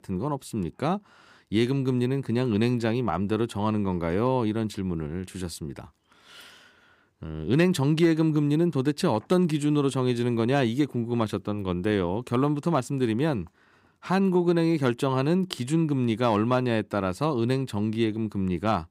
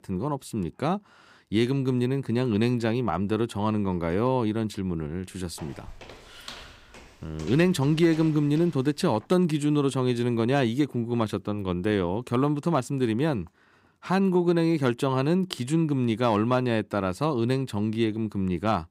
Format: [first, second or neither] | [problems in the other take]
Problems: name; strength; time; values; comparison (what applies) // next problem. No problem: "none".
first | footsteps; faint; from 5.5 to 9 s; peak 15 dB below the speech